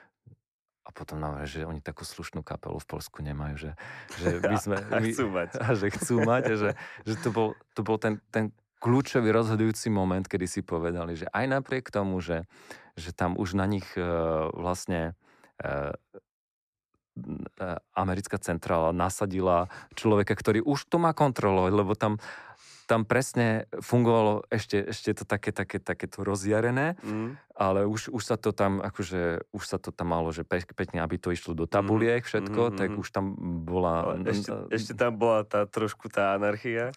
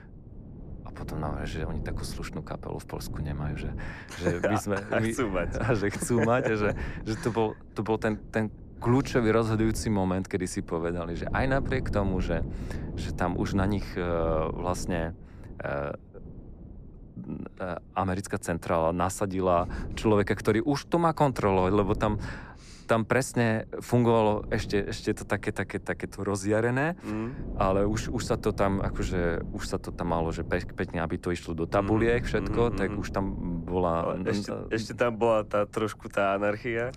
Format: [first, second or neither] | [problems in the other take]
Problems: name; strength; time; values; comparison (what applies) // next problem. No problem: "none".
first | wind noise on the microphone; occasional gusts; 20 dB below the speech